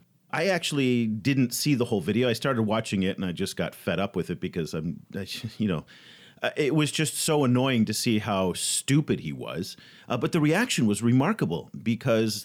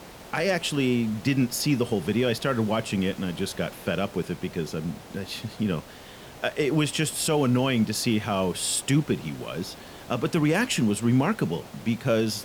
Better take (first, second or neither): first